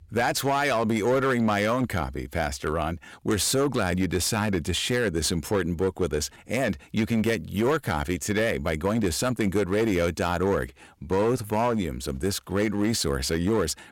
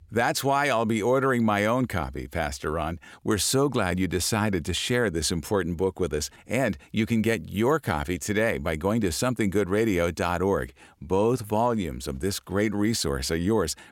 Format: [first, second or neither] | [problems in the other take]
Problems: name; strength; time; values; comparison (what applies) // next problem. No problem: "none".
second | distortion; slight; 9% of the sound clipped